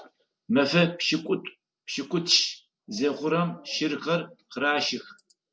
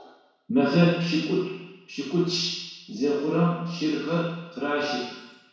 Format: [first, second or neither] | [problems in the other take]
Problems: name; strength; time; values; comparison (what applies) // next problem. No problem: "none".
first | room echo; dies away in 1.1 s